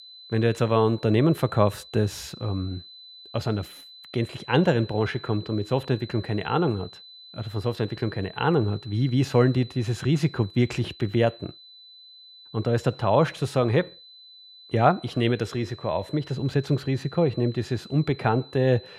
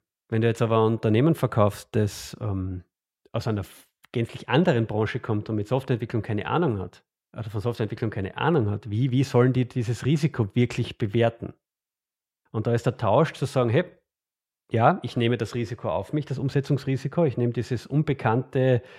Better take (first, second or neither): second